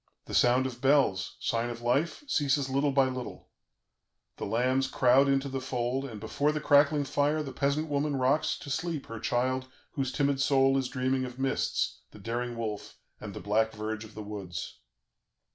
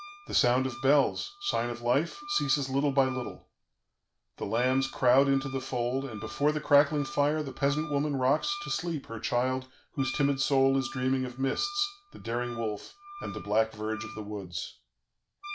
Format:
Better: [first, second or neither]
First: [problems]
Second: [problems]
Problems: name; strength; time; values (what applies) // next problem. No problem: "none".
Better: first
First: none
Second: background sound (Wind instrument, woodwind instrument); 16 dB below the speech